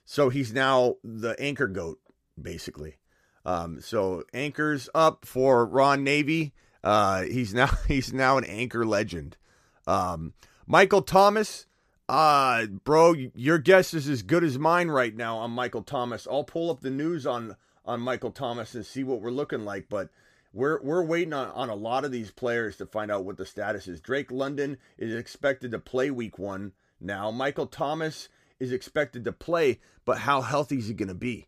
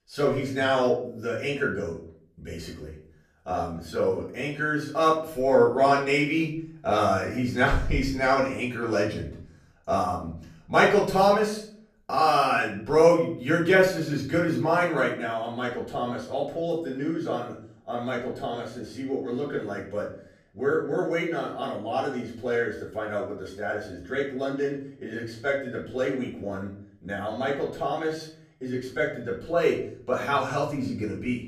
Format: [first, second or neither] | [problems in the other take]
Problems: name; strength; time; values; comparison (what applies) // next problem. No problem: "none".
first | off-mic speech; far // room echo; slight; dies away in 0.5 s